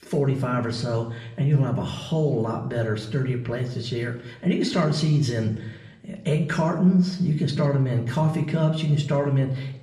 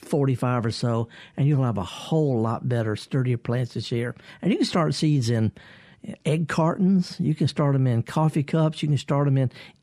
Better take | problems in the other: second | room echo; slight; dies away in 0.7 s // off-mic speech; somewhat distant

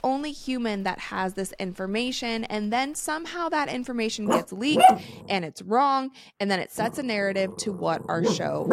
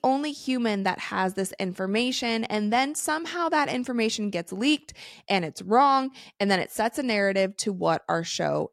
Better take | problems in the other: second | animal sounds; very loud; throughout; 4 dB above the speech

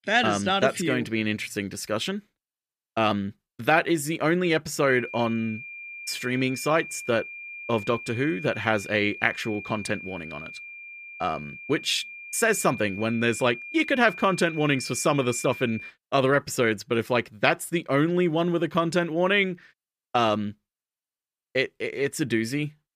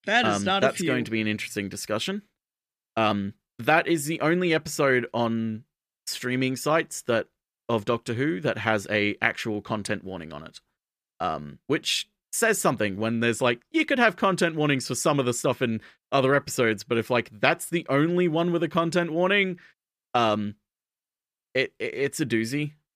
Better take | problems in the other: second | high-pitched whine; noticeable; from 5 to 16 s; 2.5 kHz, 10 dB below the speech

